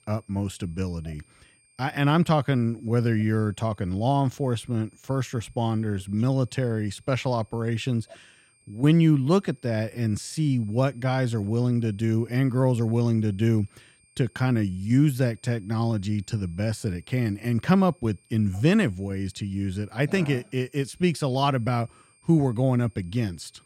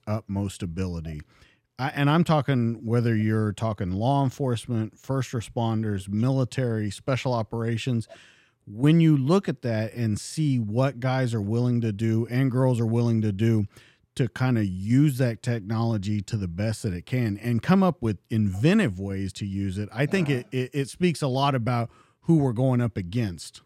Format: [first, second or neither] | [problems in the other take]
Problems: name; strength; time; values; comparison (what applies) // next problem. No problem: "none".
second | high-pitched whine; faint; throughout; 8.5 kHz, 35 dB below the speech